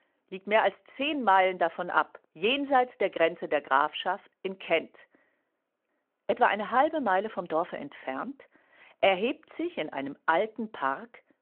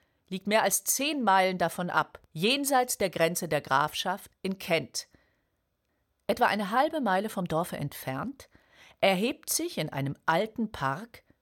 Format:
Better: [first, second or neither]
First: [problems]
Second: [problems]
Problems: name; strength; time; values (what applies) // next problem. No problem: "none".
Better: second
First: phone-call audio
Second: none